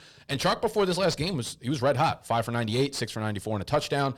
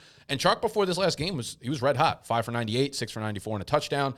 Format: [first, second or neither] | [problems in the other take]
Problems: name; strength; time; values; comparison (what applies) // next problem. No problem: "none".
second | distortion; slight; 10 dB below the speech